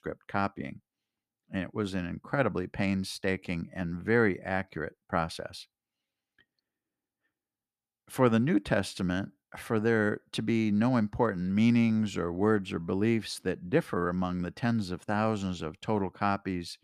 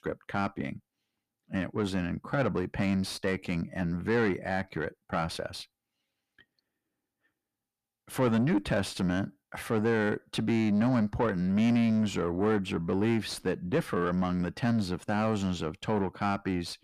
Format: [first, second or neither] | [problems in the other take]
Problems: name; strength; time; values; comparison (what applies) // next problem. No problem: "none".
first | distortion; slight; 10 dB below the speech